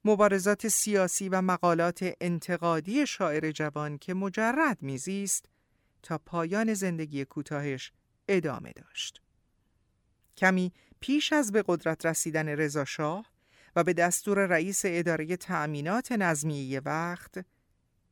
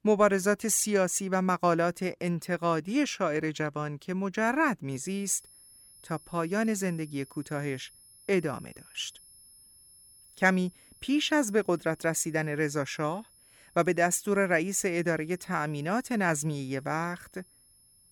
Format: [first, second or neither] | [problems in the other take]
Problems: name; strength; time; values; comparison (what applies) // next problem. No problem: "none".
first | high-pitched whine; faint; from 5 s on; 10.5 kHz, 25 dB below the speech